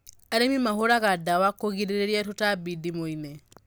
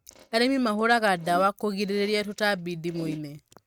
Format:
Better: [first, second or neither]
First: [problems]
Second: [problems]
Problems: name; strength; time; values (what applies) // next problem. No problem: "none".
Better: first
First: none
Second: noise reduction (neural mask model RNNoise)